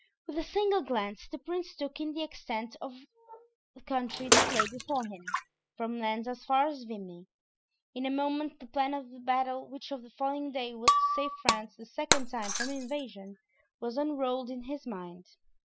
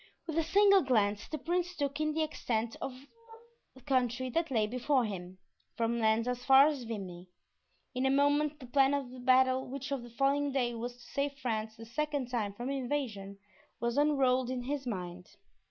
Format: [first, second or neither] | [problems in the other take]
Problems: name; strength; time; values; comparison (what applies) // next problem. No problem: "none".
second | noise reduction (classical method spectral subtraction)